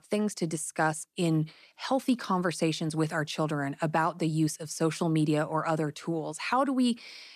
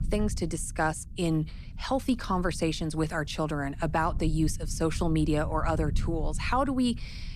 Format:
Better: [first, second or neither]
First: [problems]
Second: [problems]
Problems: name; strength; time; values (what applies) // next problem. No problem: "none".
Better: first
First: none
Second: low rumble; faint; throughout; 20 dB below the speech